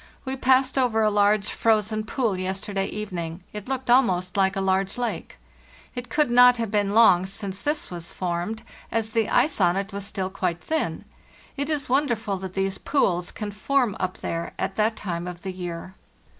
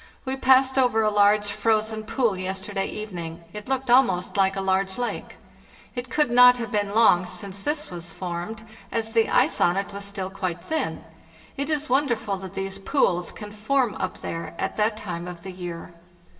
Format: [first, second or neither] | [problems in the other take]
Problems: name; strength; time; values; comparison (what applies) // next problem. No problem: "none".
first | room echo; dies away in 1.6 s